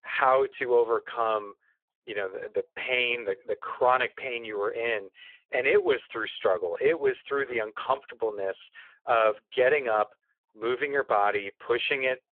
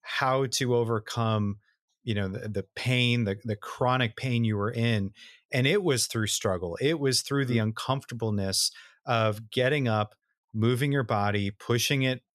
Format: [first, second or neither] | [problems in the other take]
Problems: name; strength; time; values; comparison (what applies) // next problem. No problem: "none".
second | phone-call audio; poor line